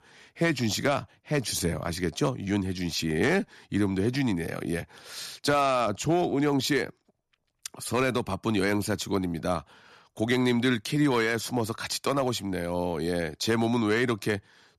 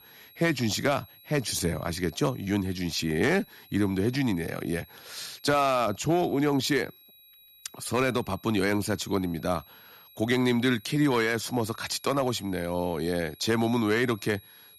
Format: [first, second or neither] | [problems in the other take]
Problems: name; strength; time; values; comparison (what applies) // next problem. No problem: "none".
first | high-pitched whine; faint; throughout; 4 kHz, 25 dB below the speech